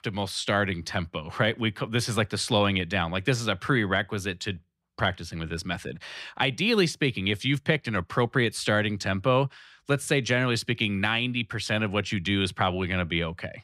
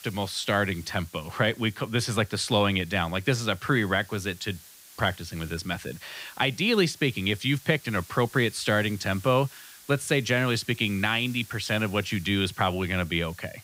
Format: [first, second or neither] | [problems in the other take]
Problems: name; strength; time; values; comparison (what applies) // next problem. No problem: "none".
first | hiss; faint; throughout; 20 dB below the speech